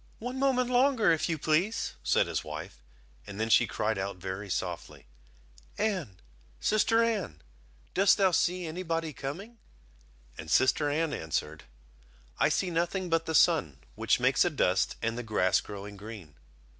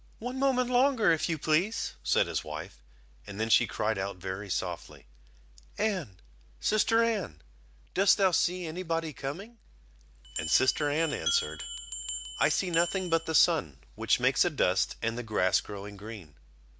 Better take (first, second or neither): first